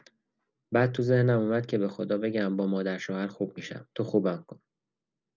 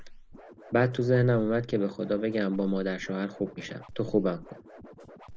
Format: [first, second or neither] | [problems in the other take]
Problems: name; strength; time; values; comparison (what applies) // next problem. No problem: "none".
first | background sound (Scratching (performance technique)); 18 dB below the speech